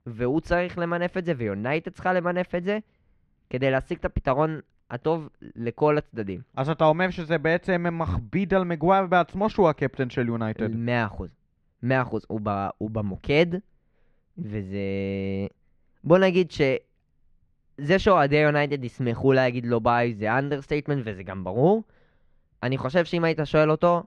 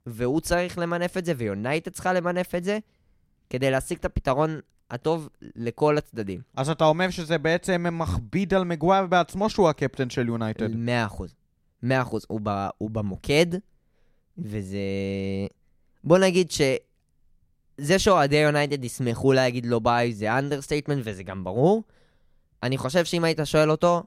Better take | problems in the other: second | muffled; slightly; fading above 2.5 kHz

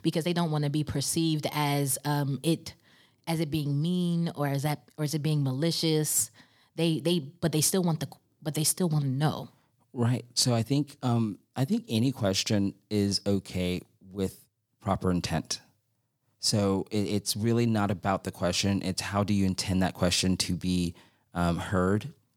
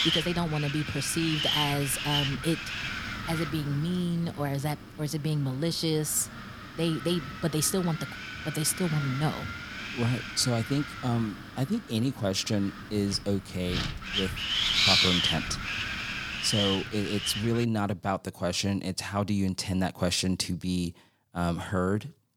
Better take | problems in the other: first | wind noise on the microphone; heavy; until 18 s; 3 dB above the speech

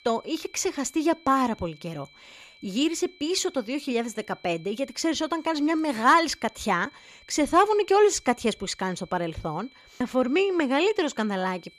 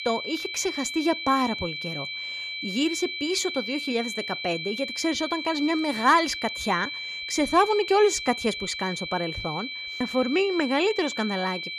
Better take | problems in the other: first | high-pitched whine; loud; throughout; 2.5 kHz, 6 dB below the speech; faint in the first

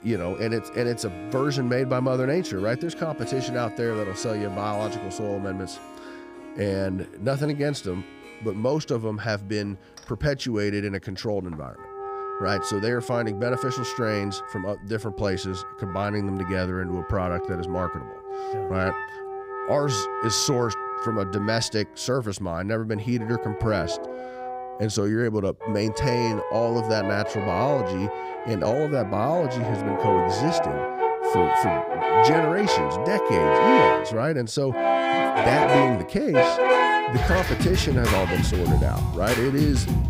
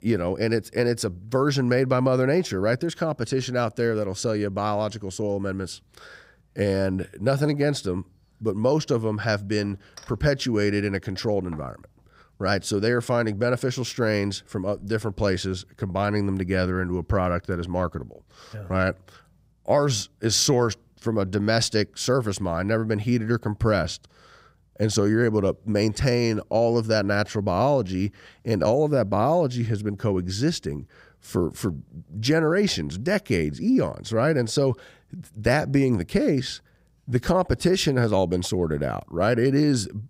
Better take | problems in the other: second | background music; very loud; throughout; 1 dB above the speech

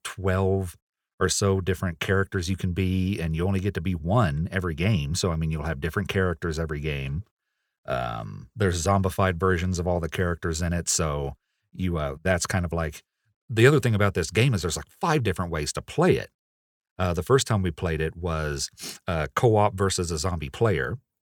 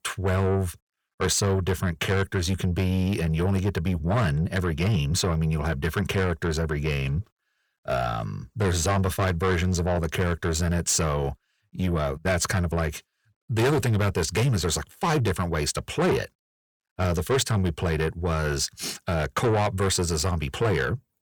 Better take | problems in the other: first | distortion; heavy; 7 dB below the speech

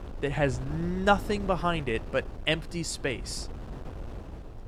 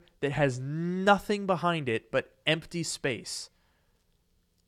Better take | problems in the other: second | wind noise on the microphone; occasional gusts; 20 dB below the speech

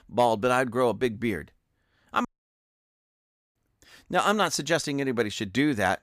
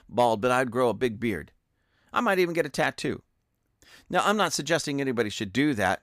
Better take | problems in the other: second | audio cutting out; at 2.5 s for 1.5 s

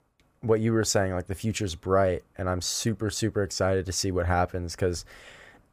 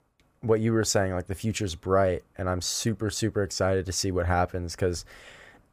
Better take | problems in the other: neither | none

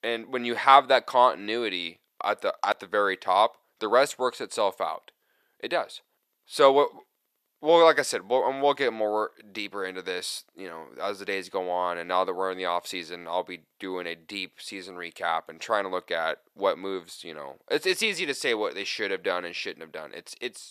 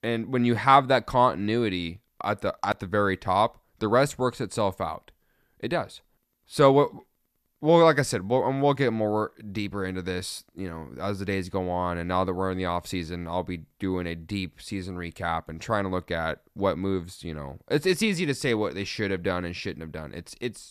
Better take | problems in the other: second | thin; somewhat; fading below 500 Hz

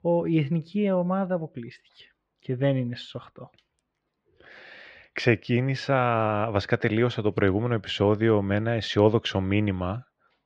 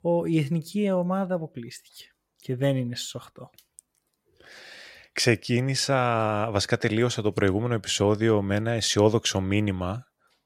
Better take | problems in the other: second | muffled; slightly; fading above 3 kHz

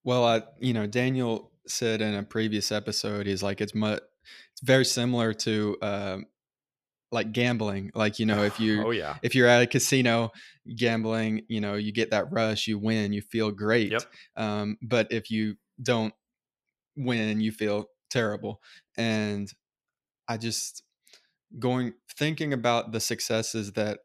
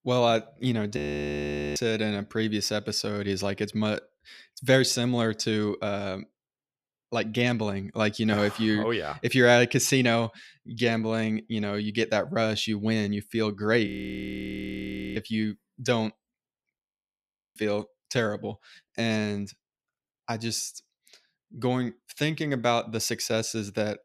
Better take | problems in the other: first | audio freezing; at 1 s for 1 s, at 14 s for 1.5 s and at 17 s for 1 s

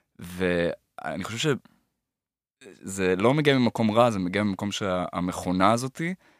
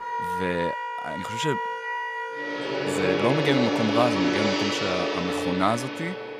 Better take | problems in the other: first | background music; very loud; throughout; as loud as the speech

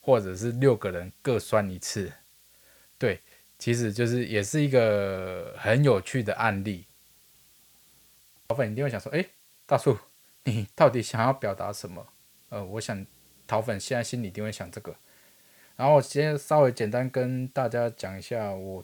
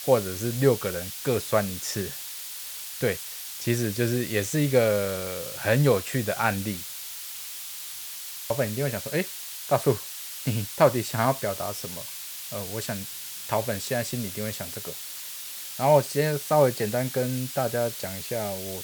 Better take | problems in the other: first | hiss; loud; throughout; 7 dB below the speech; faint in the first

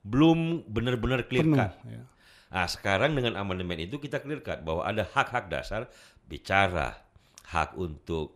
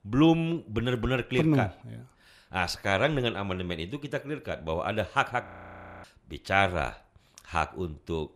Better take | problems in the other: first | audio freezing; at 5.5 s for 0.5 s

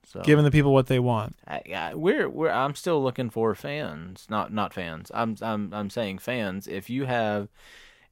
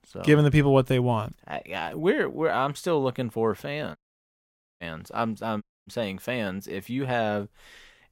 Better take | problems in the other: first | audio cutting out; at 4 s for 1 s and at 5.5 s

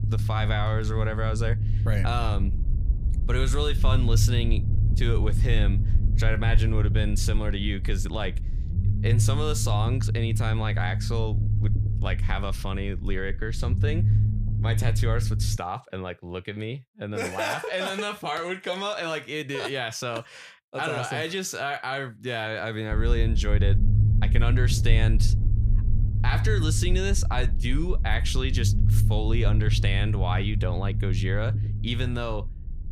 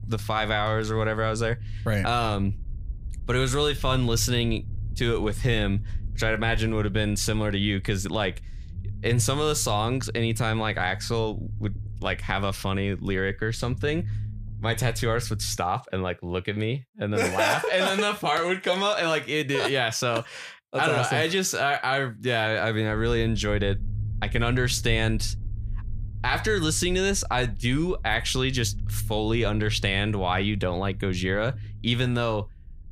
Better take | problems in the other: second | low rumble; loud; until 16 s and from 23 s on; 9 dB below the speech; faint in the second

